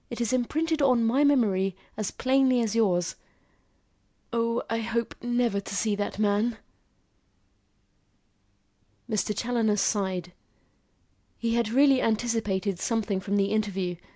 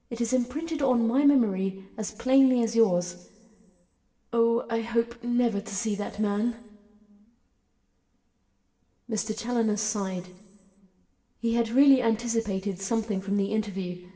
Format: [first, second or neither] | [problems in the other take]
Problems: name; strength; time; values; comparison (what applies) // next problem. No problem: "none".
first | room echo; dies away in 1.6 s